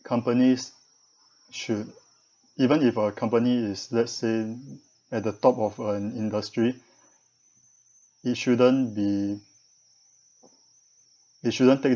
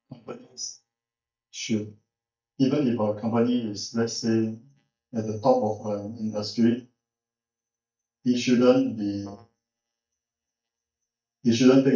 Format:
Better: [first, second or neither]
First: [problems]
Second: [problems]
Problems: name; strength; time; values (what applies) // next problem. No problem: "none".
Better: first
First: none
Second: noise reduction (neural mask model DeepFilterNet 3)